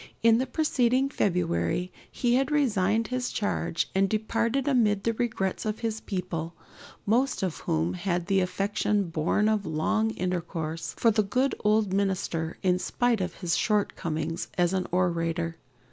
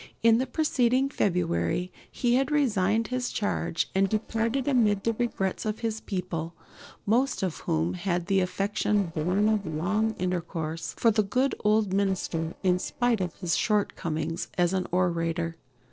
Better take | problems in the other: first | noise reduction (neural separator model SepFormer DNS4)

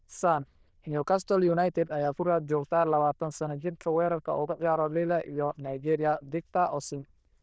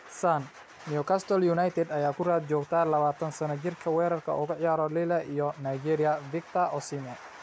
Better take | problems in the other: second | noise reduction (neural diffusion model UNIVERSE++)

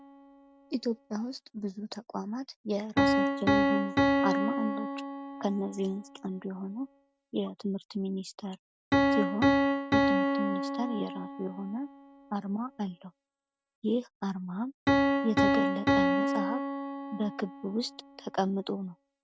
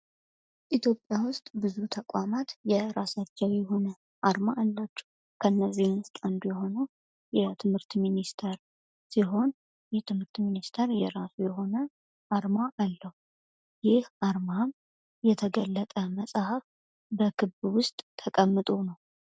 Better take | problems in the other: second | background sound (Piano); 4 dB above the speech

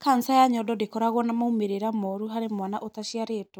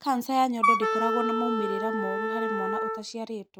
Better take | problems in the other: first | background sound (Wind instrument, woodwind instrument); 2 dB above the speech

